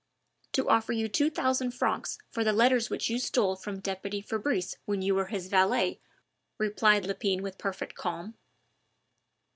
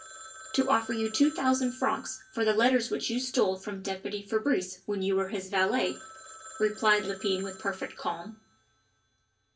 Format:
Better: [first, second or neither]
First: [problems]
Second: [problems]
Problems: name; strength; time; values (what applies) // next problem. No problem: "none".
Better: first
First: none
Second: background sound (Telephone); 19 dB below the speech // room echo; dies away in 0.2 s